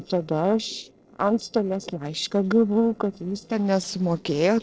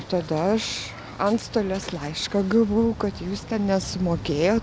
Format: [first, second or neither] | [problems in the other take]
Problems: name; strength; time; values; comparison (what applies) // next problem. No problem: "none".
second | noise reduction (neural separator model SepFormer DNS4)